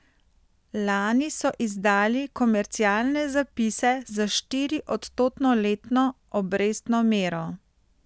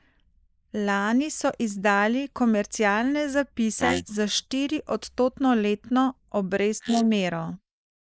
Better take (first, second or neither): first